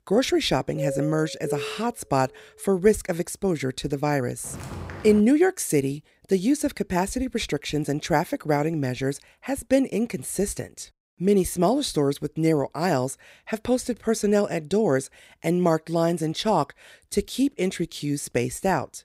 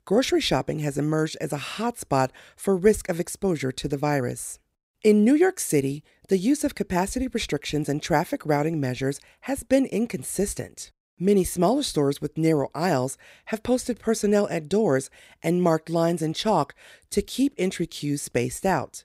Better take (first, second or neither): second